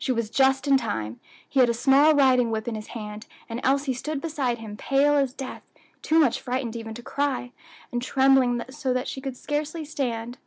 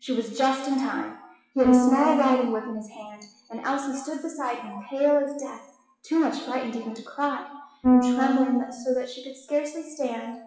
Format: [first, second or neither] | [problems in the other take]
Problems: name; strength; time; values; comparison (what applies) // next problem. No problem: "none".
first | noise reduction (classical method WPE with log-MMSE)